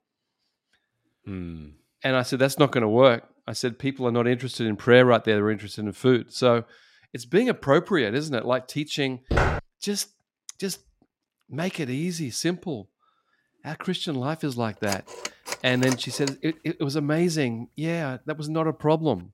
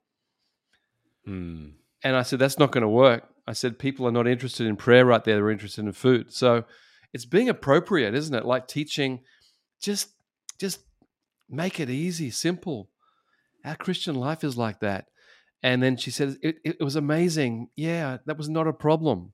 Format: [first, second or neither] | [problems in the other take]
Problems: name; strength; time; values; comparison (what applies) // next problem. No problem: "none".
second | footsteps; loud; at 9.5 s; peak 1 dB above the speech // phone ringing; noticeable; from 15 to 16 s; peak 8 dB below the speech